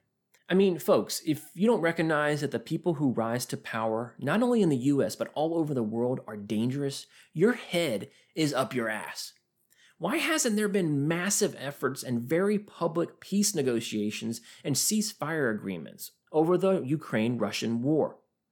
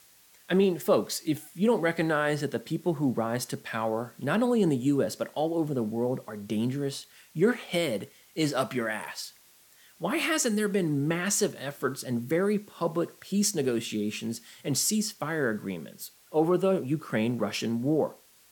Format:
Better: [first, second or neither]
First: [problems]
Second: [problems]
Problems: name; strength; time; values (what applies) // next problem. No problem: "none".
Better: first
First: none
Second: hiss; faint; throughout; 25 dB below the speech